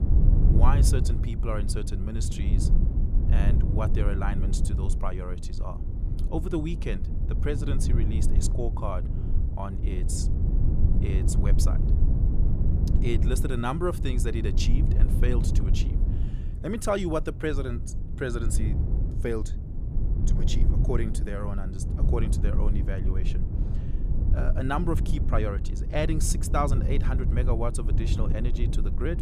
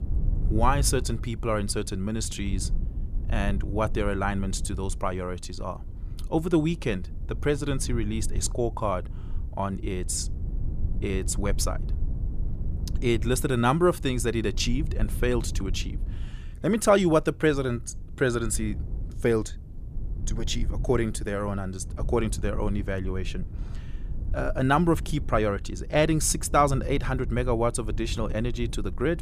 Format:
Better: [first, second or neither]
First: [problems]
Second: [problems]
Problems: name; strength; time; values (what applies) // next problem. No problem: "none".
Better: second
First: low rumble; loud; throughout; 7 dB below the speech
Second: low rumble; faint; throughout; 20 dB below the speech